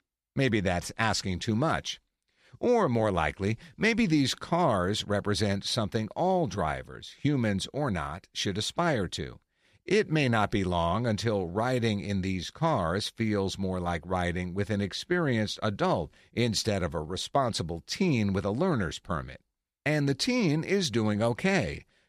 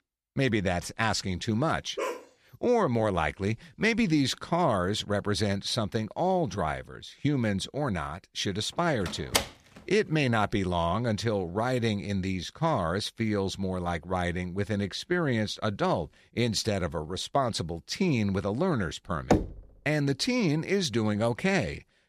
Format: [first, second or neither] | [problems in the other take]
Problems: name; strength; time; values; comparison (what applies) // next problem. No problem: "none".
first | dog barking; noticeable; at 2 s; peak 6 dB below the speech // door banging; loud; at 9 s and at 19 s; peak 1 dB above the speech